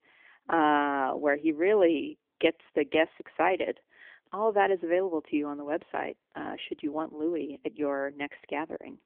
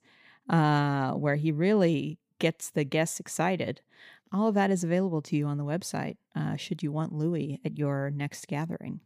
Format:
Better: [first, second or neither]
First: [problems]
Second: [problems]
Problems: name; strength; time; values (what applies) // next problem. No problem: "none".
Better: second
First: phone-call audio; nothing above 3 kHz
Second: none